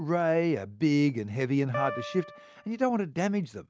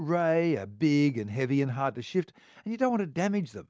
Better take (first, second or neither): second